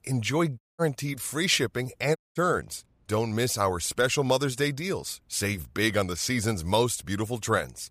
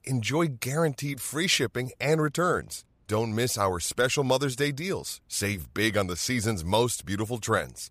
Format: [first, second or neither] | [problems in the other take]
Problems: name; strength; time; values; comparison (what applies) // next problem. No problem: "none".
second | audio cutting out; at 0.5 s and at 2 s